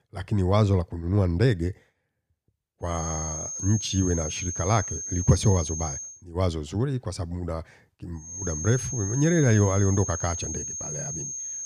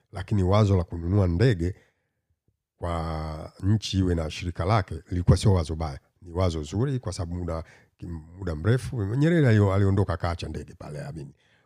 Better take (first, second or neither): second